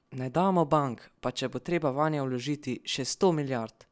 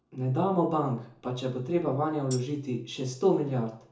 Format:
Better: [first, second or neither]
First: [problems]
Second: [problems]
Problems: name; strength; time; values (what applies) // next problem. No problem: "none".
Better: first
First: none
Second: background sound (Tambourine); 18 dB below the speech // room echo; dies away in 0.6 s